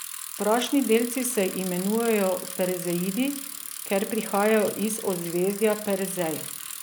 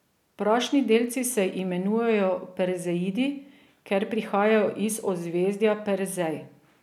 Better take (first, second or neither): second